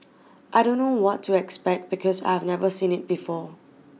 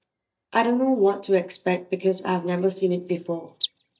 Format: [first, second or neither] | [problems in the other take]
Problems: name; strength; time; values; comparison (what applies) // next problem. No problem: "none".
first | noise reduction (neural mask model DeepFilterNet 3)